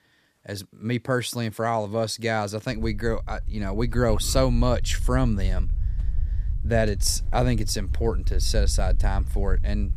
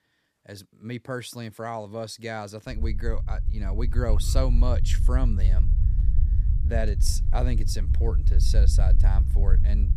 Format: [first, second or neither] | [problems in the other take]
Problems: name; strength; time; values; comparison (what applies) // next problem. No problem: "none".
first | low rumble; loud; from 3 s on; 9 dB below the speech; faint in the first